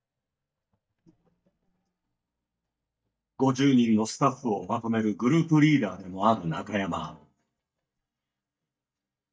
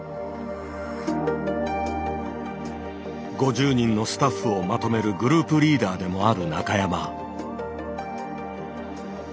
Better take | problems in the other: second | noise reduction (neural mask model DeepFilterNet 3)

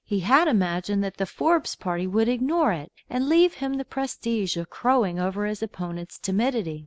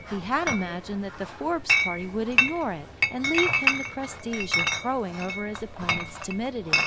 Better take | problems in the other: first | background sound (Chatter / Chink, clink); 2 dB above the speech

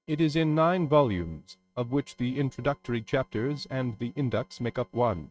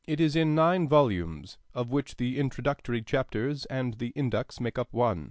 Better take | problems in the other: second | noise reduction (neural mask model RNNoise)

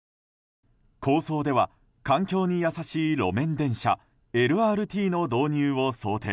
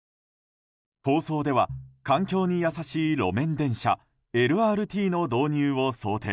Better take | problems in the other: first | noise reduction (neural mask model DeepFilterNet 3)

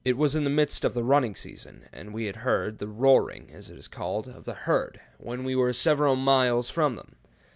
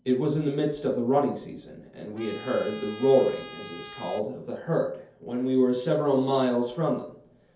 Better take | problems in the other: first | background sound (Trumpet); 18 dB below the speech // room echo; dies away in 0.5 s

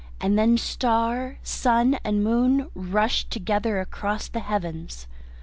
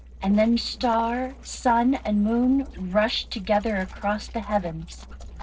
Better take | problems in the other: first | noise reduction (neural separator model SepFormer DNS4)

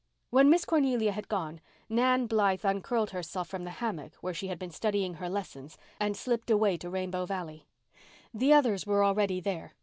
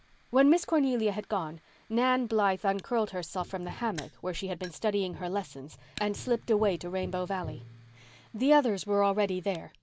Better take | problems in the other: first | background sound (Tap + Fire); 20 dB below the speech

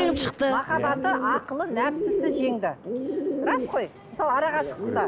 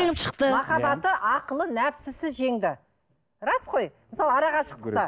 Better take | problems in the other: second | background sound (Bird); 3 dB below the speech

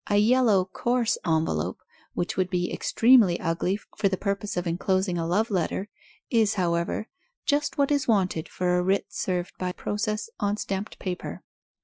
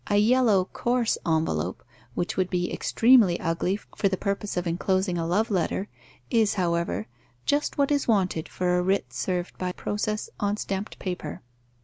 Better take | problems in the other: second | noise reduction (classical method Wiener filter)

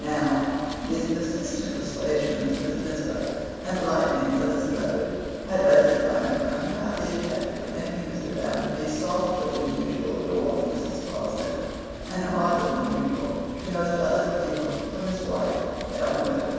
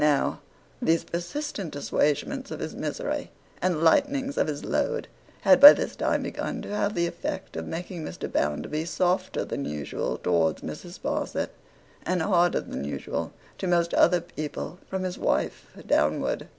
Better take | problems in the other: second | background sound (Wind); 12 dB below the speech // room echo; dies away in 2.1 s

